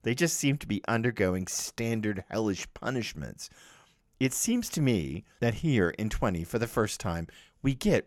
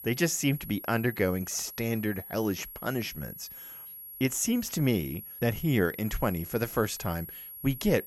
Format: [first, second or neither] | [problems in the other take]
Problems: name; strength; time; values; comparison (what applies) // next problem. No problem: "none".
first | high-pitched whine; noticeable; throughout; 11.5 kHz, 10 dB below the speech